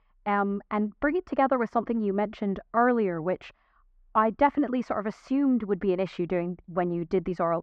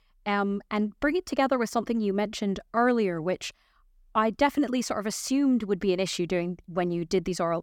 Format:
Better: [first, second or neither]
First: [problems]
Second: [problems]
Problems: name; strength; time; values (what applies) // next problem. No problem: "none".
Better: second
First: muffled; very; fading above 1.5 kHz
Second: none